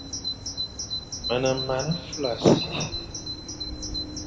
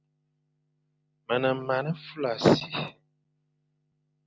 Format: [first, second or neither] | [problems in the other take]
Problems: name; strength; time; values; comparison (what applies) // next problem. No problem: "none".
second | background sound (Bird vocalization, bird call, bird song); 5 dB below the speech // room echo; dies away in 1.5 s